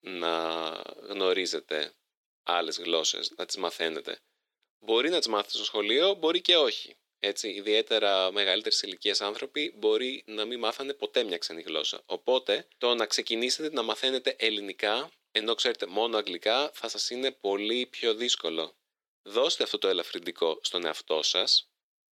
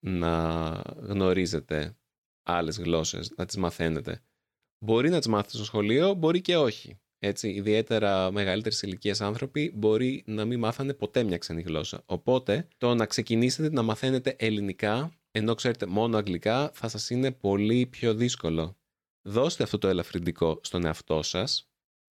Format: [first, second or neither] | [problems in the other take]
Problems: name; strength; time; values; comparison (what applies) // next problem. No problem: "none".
second | thin; somewhat; fading below 350 Hz